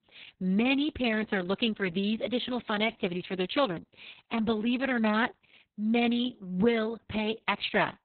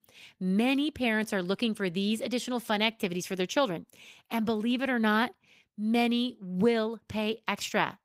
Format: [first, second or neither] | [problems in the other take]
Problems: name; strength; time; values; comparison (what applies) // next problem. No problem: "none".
second | garbled, watery; badly; nothing above 4 kHz; slightly in the second